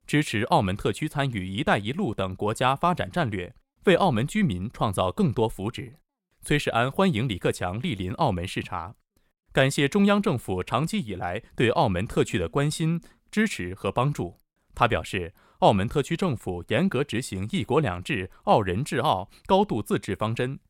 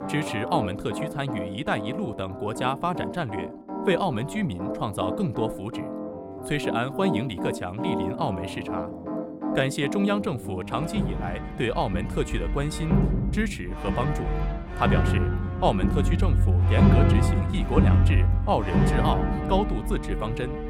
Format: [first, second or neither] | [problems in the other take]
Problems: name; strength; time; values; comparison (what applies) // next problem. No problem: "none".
first | background music; very loud; throughout; 2 dB above the speech